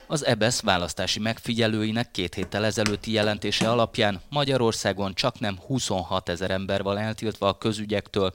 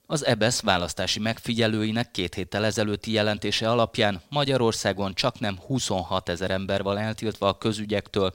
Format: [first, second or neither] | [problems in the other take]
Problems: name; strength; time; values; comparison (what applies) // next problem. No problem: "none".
second | footsteps; noticeable; from 2.5 to 4 s; peak 6 dB below the speech